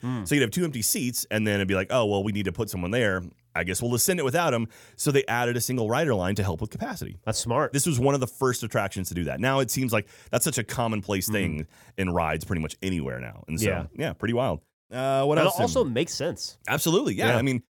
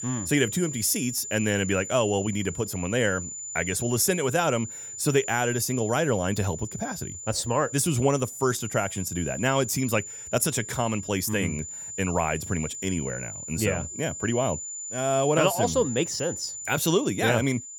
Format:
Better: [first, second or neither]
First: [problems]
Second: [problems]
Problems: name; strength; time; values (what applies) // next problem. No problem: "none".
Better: first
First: none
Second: high-pitched whine; loud; throughout; 7 kHz, 8 dB below the speech